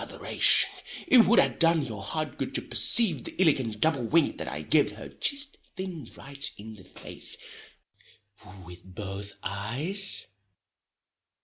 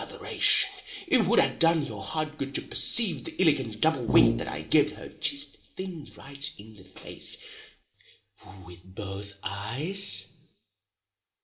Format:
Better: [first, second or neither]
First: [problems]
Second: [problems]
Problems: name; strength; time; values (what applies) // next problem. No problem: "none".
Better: first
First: none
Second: background sound (Brass instrument); 2 dB above the speech // room echo; dies away in 0.8 s